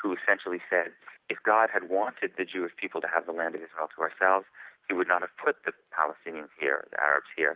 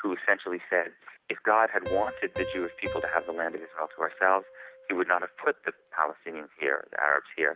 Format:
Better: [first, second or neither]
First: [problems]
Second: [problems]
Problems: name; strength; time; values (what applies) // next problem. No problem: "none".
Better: first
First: none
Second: background sound (Piano); 14 dB below the speech